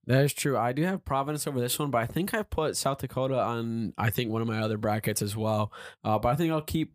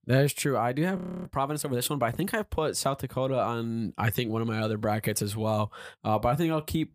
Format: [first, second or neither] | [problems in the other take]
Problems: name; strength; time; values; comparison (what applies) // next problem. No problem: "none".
first | audio freezing; at 1 s